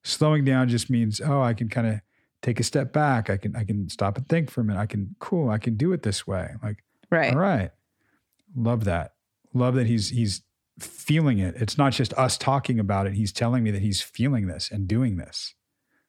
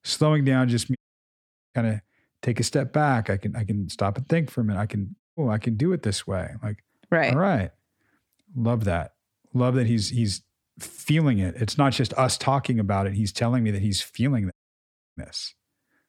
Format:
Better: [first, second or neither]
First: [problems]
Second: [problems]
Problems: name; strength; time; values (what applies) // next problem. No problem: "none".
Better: first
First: none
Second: audio cutting out; at 1 s for 1 s, at 5 s and at 15 s for 0.5 s